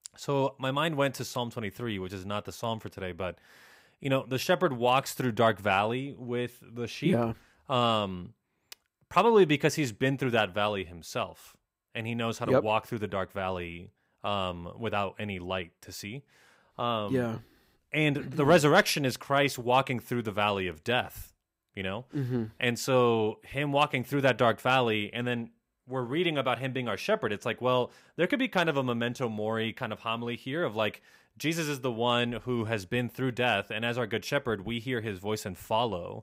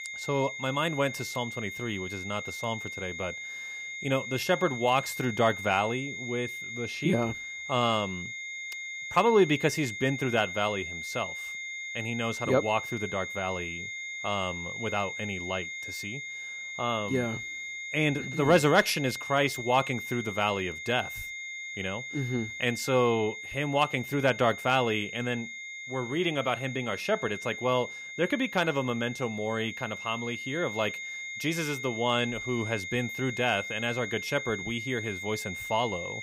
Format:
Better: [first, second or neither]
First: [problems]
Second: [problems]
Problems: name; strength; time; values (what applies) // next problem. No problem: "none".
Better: first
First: none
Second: high-pitched whine; loud; throughout; 2 kHz, 7 dB below the speech